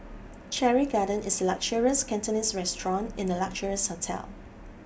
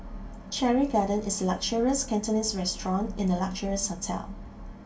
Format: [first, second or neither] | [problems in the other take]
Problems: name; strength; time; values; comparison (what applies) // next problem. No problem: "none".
first | room echo; dies away in 0.2 s